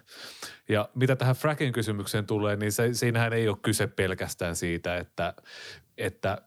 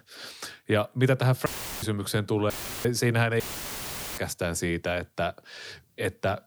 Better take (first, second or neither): first